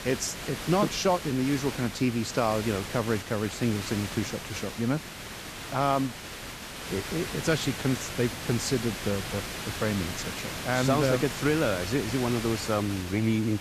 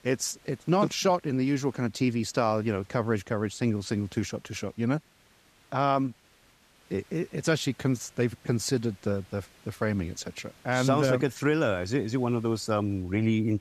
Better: second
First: hiss; loud; throughout; 7 dB below the speech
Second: hiss; faint; throughout; 30 dB below the speech

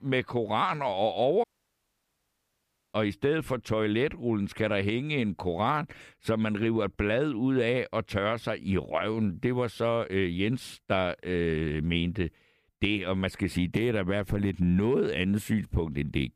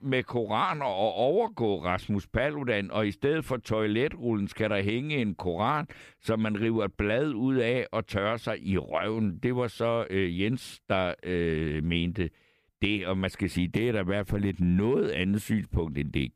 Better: second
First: audio cutting out; at 1.5 s for 1.5 s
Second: none

